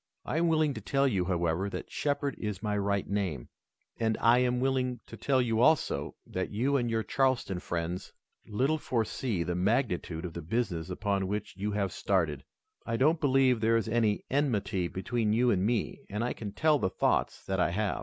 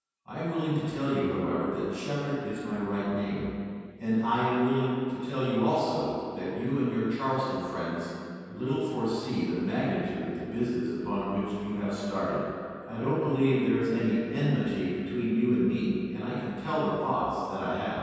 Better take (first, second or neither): first